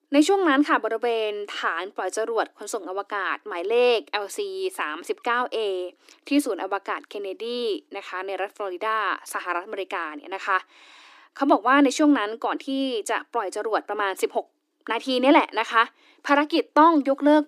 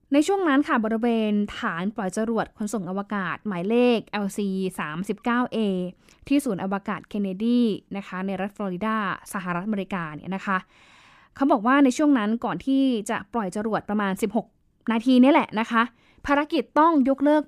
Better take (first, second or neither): second